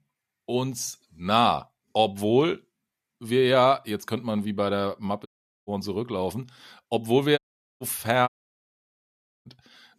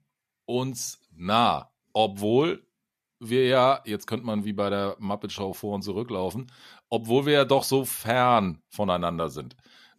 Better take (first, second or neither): second